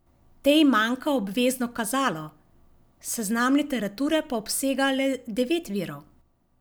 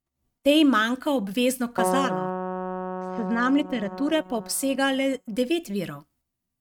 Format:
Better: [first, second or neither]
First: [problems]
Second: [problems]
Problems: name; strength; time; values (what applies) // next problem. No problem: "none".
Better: first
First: none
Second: noise reduction (neural mask model RNNoise)